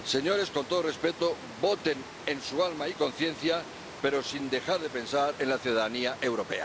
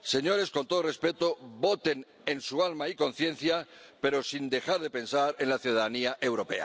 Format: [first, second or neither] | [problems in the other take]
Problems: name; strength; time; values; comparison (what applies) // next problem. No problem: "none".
second | background sound (Water); 14 dB below the speech